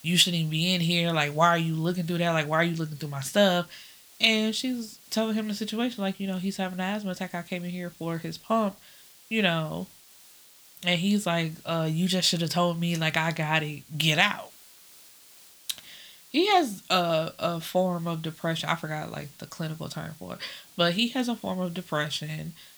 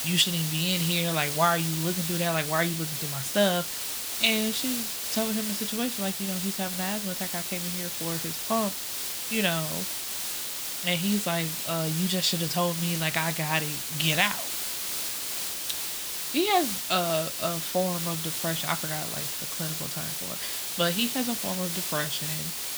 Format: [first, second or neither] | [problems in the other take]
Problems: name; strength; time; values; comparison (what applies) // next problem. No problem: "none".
first | hiss; loud; throughout; 1 dB below the speech; faint in the first